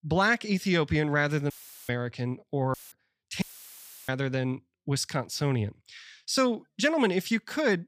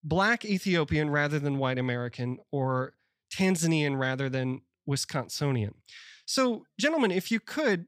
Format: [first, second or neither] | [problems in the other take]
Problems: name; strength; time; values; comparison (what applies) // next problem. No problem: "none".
second | audio cutting out; filled with static; at 1.5 s, at 2.5 s and at 3.5 s for 0.5 s